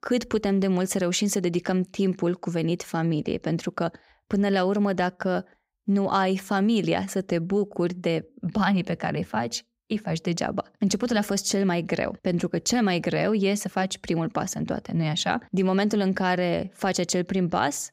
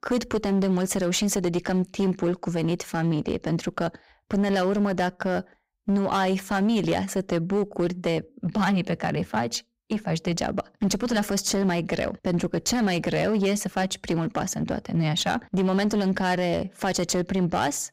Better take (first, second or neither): first